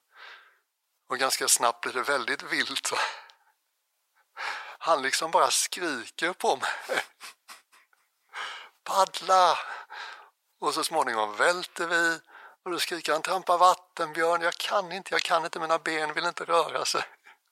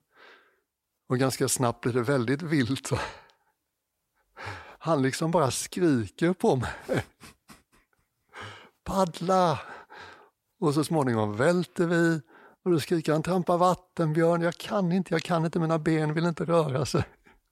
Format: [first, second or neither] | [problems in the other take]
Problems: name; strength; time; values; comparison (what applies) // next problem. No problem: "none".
second | thin; very; fading below 850 Hz